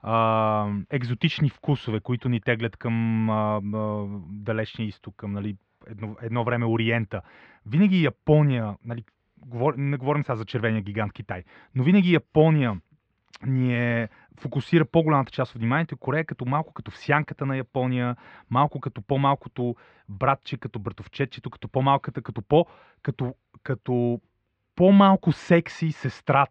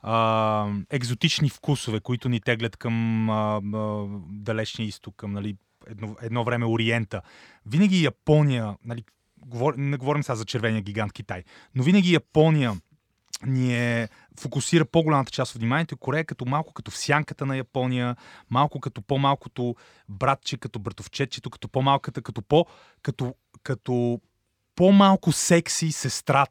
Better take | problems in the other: second | muffled; very; fading above 3 kHz

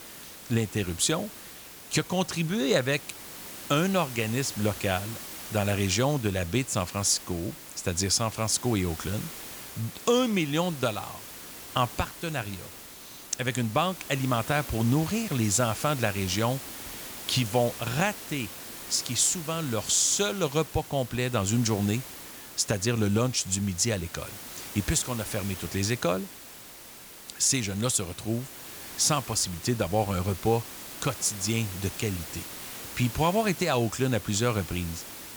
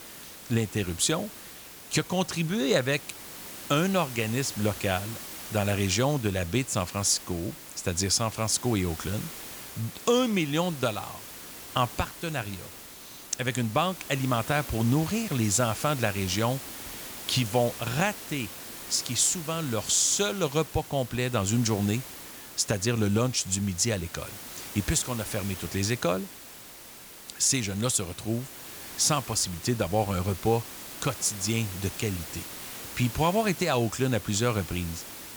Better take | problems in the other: neither | hiss; noticeable; throughout; 10 dB below the speech; the same in both

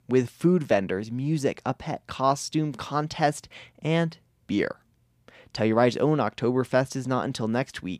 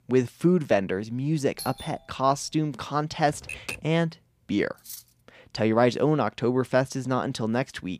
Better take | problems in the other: first | doorbell; faint; at 1.5 s; peak 10 dB below the speech // keyboard typing; noticeable; at 3.5 s; peak 9 dB below the speech // clattering dishes; faint; at 5 s; peak 15 dB below the speech

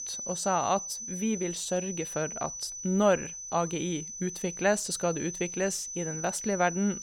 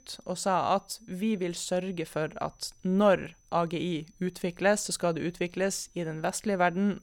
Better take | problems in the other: second | high-pitched whine; loud; throughout; 6 kHz, 6 dB below the speech; faint in the second

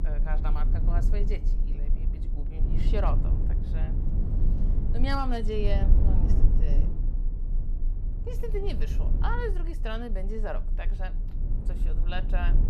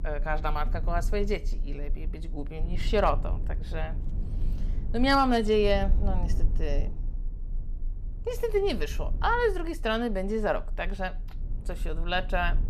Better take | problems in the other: second | low rumble; loud; throughout; 9 dB below the speech; faint in the second

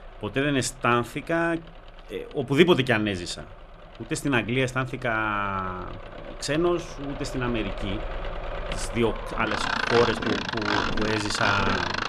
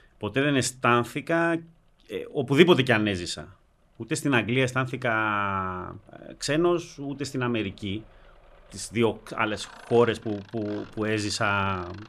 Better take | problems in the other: second | machinery noise; loud; throughout; 4 dB below the speech; faint in the second

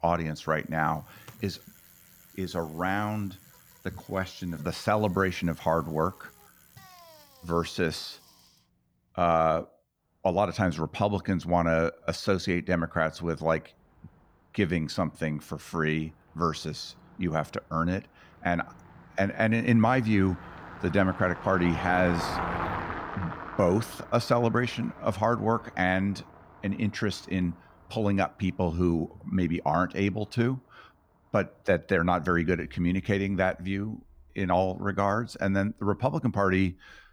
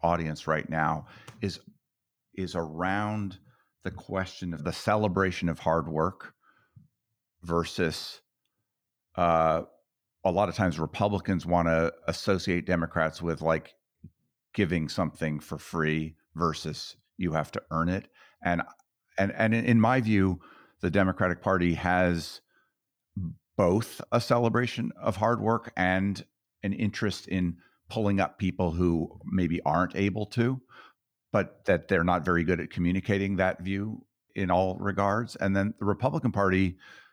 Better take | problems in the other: second | traffic noise; noticeable; throughout; 15 dB below the speech

